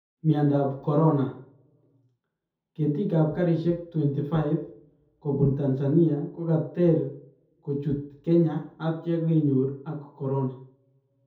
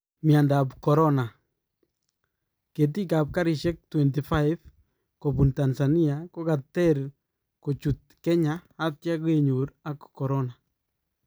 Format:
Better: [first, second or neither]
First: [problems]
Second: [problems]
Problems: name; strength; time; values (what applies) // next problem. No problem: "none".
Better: second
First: room echo; dies away in 0.5 s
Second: none